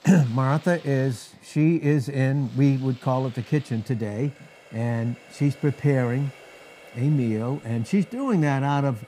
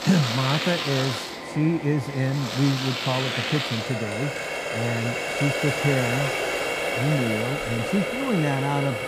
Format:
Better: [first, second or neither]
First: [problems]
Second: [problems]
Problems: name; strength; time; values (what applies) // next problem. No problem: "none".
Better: first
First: household noises; faint; throughout; 25 dB below the speech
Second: household noises; loud; throughout; 1 dB below the speech